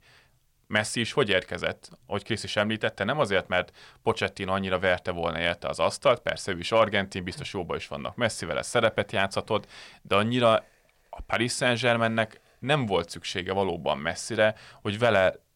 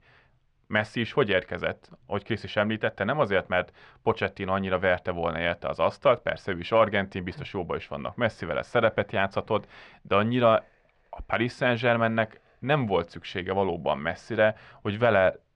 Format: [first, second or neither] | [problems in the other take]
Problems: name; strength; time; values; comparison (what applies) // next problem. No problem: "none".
first | muffled; slightly; fading above 2.5 kHz